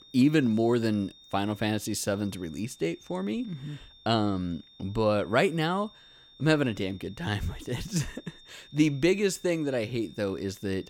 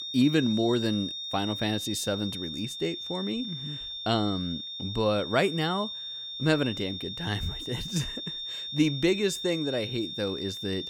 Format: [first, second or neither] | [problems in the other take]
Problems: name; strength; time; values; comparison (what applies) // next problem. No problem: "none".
first | high-pitched whine; loud; throughout; 3.5 kHz, 5 dB below the speech; faint in the first